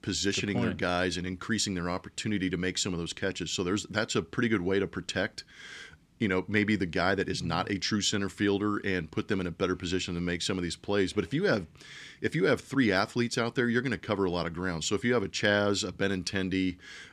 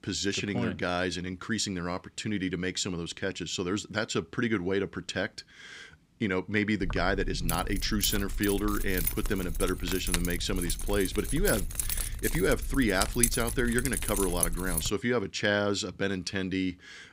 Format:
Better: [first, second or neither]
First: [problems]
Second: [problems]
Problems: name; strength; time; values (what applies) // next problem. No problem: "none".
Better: first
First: none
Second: jangling keys; loud; from 7 to 15 s; peak 4 dB above the speech